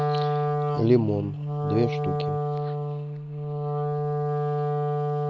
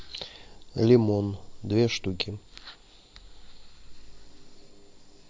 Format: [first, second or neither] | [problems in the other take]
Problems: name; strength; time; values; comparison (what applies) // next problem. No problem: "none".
second | noise reduction (neural mask model RNNoise)